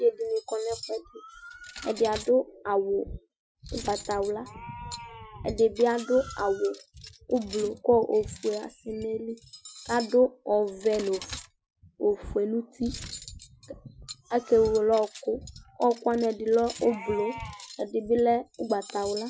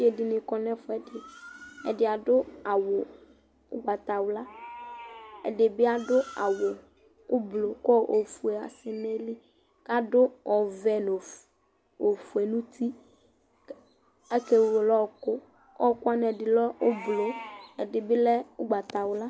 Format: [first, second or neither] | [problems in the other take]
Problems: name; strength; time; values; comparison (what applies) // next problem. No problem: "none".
second | noise reduction (classical method Wiener filter)